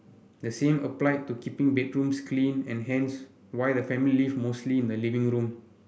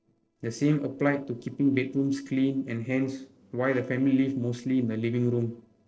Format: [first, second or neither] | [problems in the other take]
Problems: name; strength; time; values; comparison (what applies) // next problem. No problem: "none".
first | noise reduction (neural separator model SepFormer DNS4)